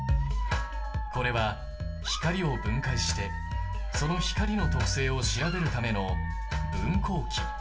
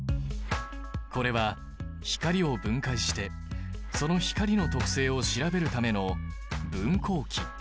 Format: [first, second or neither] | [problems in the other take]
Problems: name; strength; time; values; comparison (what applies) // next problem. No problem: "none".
second | background sound (Alarm / Dog); 13 dB below the speech // room echo; dies away in 0.6 s